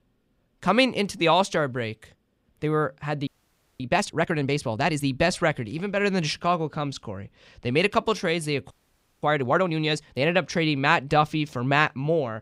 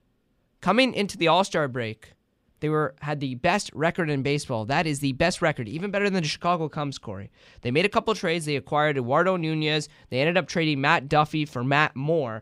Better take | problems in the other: second | audio freezing; at 3.5 s for 0.5 s and at 8.5 s for 0.5 s

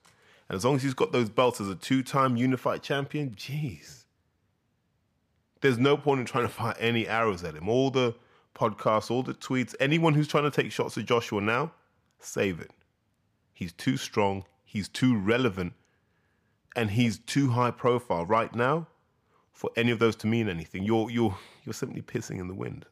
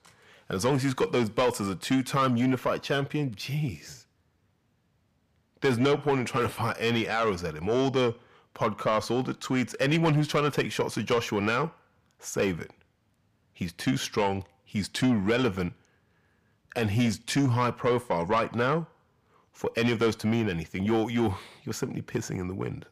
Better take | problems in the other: first | distortion; slight; 10 dB below the speech

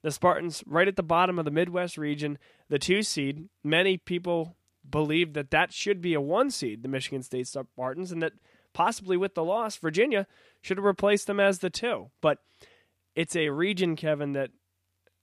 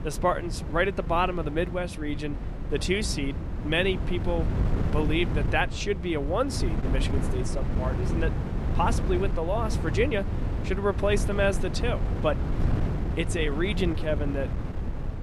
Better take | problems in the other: first | wind noise on the microphone; heavy; 10 dB below the speech

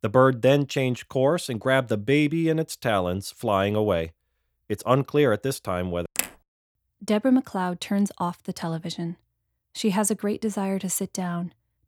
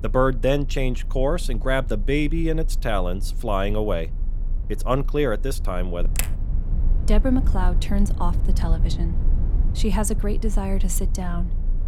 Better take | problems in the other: first | low rumble; noticeable; throughout; 20 dB below the speech

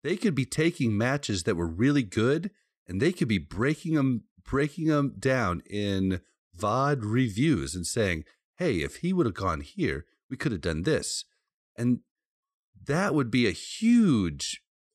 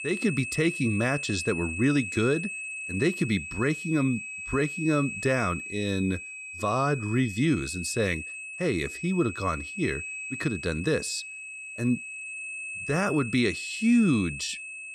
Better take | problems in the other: first | high-pitched whine; loud; throughout; 2.5 kHz, 7 dB below the speech

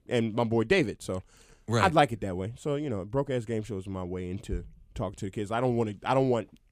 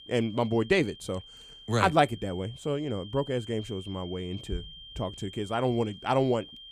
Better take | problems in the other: first | high-pitched whine; noticeable; throughout; 3 kHz, 15 dB below the speech

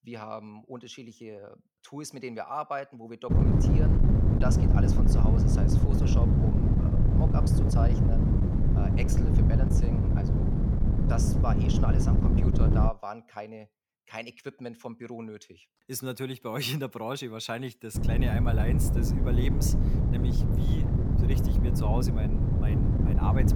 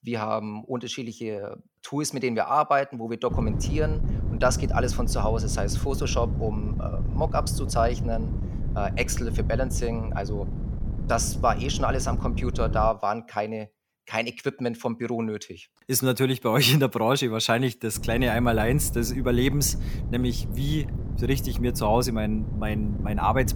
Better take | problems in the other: second | wind noise on the microphone; heavy; from 3.5 to 13 s and from 18 s on; 2 dB above the speech; occasional gusts in the second

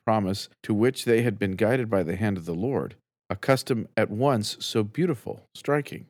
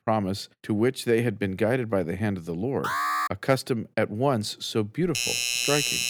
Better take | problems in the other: first | alarm; loud; at 3 s; peak 1 dB above the speech // doorbell; loud; from 5 s on; peak 3 dB above the speech

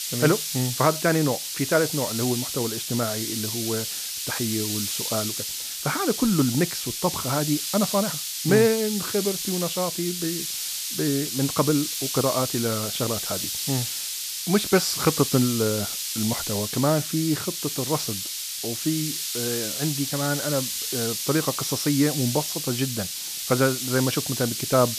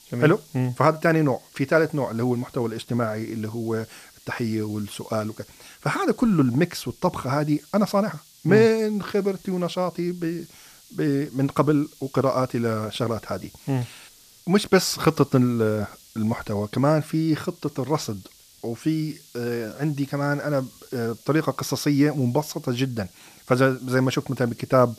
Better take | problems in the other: second | hiss; loud; throughout; 2 dB below the speech; faint in the second

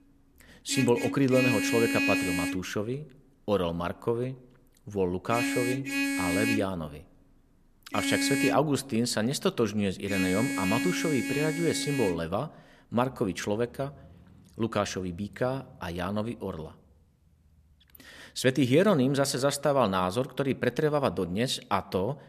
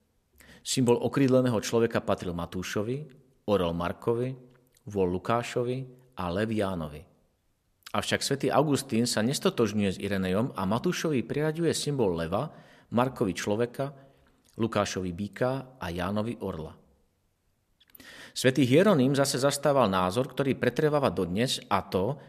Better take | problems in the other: second | traffic noise; loud; throughout; 1 dB below the speech

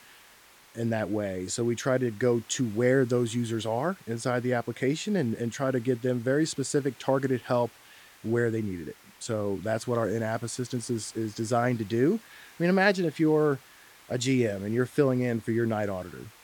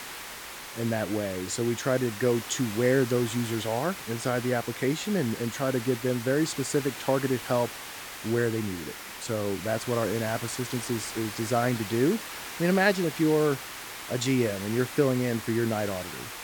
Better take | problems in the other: first | hiss; loud; throughout; 9 dB below the speech; faint in the first

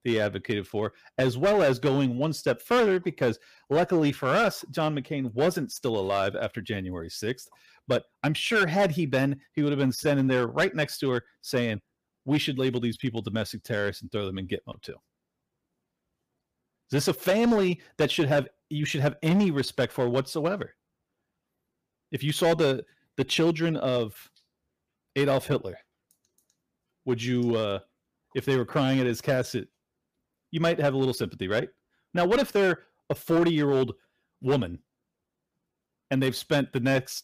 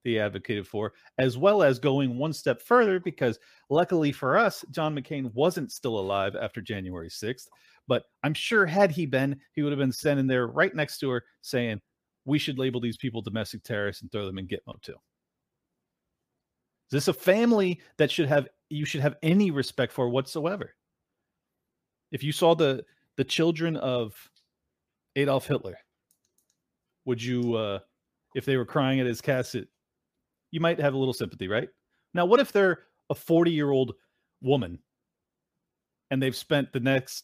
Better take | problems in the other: second | distortion; slight; 5% of the sound clipped

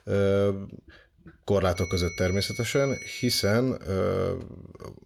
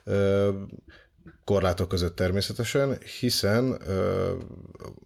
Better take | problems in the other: second | high-pitched whine; noticeable; from 2 to 3.5 s; 2 kHz, 10 dB below the speech

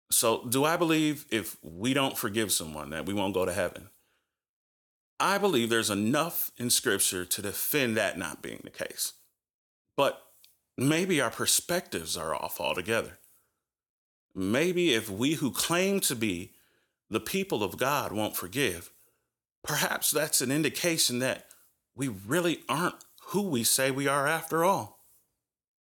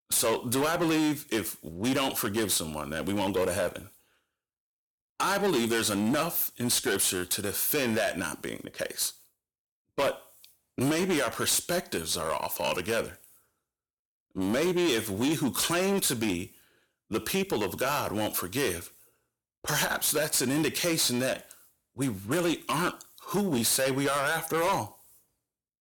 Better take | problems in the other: first | distortion; heavy; 11% of the sound clipped

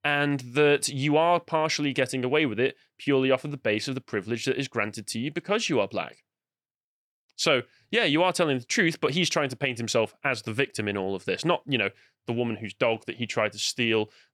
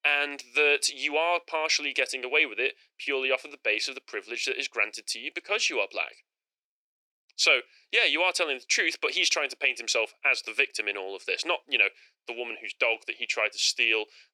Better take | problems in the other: first | thin; very; fading below 350 Hz

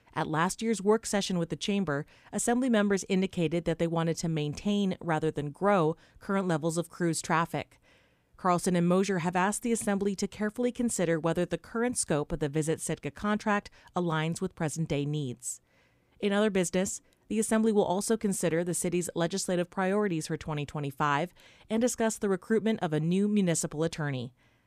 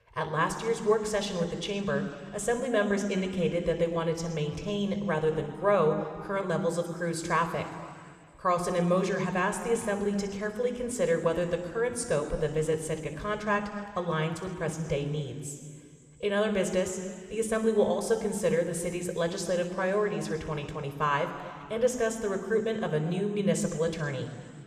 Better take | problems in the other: first | room echo; slight; dies away in 2.2 s

